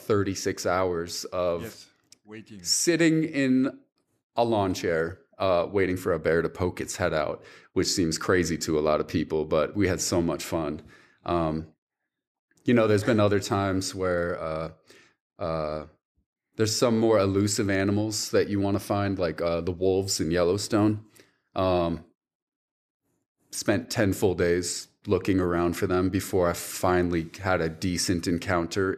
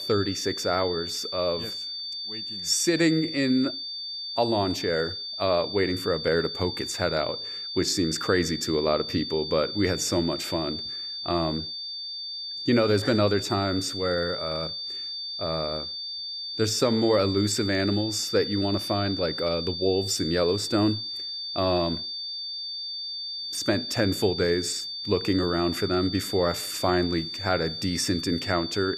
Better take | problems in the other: first | high-pitched whine; loud; throughout; 4.5 kHz, 5 dB below the speech

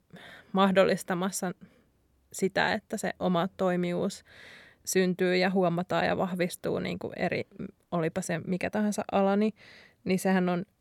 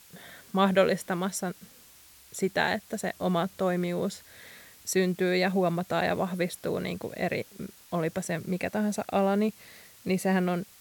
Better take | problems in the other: first | hiss; faint; throughout; 25 dB below the speech

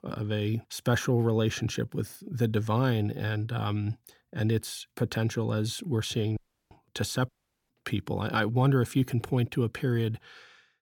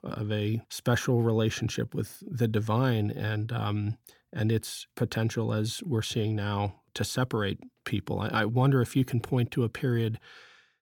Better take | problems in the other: second | audio cutting out; at 6.5 s and at 7.5 s

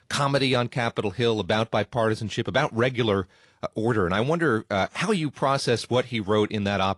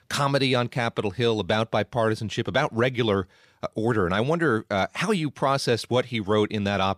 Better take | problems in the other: second | garbled, watery; slightly

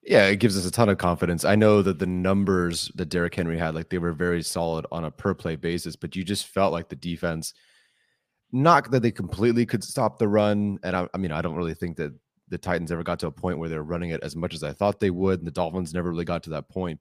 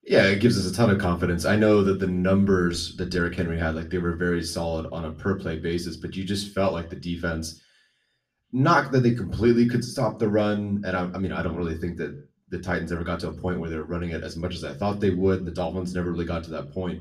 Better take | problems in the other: first | room echo; very slight; dies away in 0.3 s // off-mic speech; far

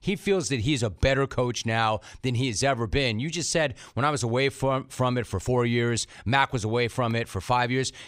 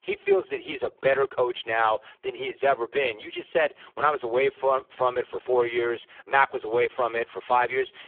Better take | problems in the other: first | phone-call audio; poor line

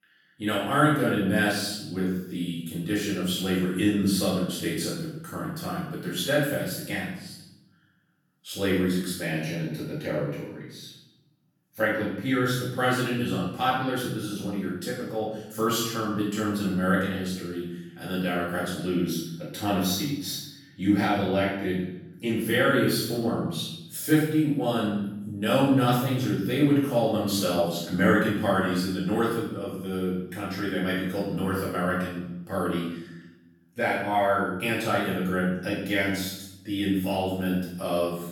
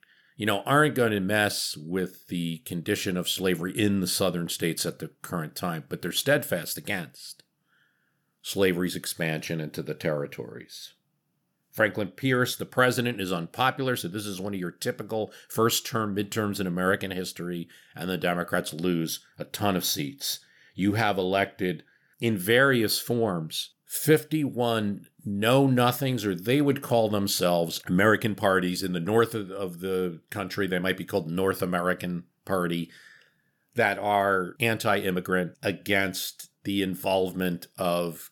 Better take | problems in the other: second | off-mic speech; far // room echo; noticeable; dies away in 0.8 s

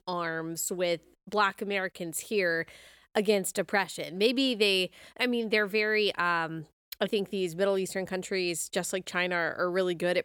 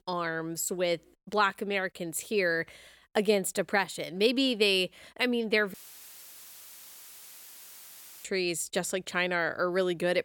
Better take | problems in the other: first | audio cutting out; filled with static; at 5.5 s for 2.5 s

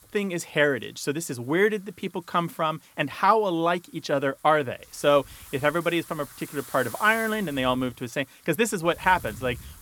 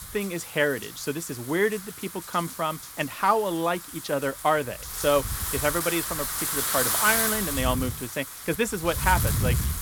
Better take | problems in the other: first | wind noise on the microphone; heavy; 7 dB below the speech; occasional gusts in the first

